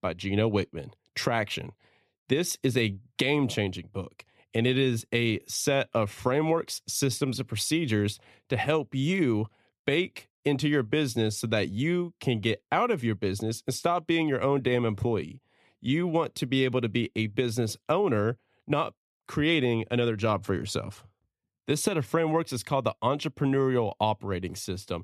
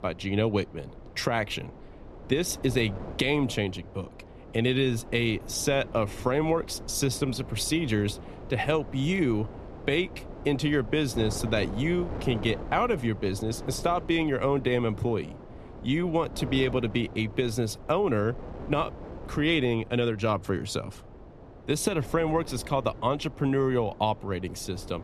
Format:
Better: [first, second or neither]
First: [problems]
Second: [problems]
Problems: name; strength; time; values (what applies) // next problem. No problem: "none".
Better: first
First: none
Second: wind noise on the microphone; occasional gusts; 15 dB below the speech